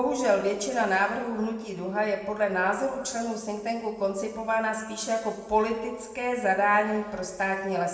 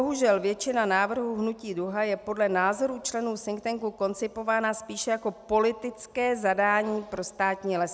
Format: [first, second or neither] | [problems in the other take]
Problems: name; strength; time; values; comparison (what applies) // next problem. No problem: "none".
second | room echo; dies away in 1.2 s